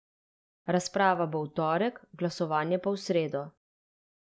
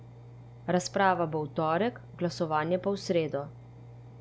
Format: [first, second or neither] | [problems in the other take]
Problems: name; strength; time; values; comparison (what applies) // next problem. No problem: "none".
first | background sound (Engine); 17 dB below the speech